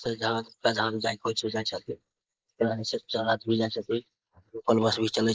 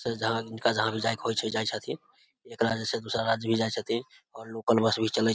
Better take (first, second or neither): second